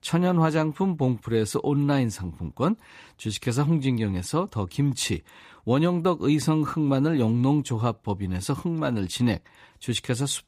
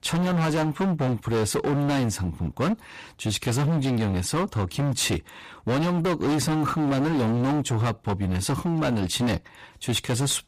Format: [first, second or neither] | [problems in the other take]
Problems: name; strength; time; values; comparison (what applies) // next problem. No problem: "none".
first | distortion; heavy; 28% of the sound clipped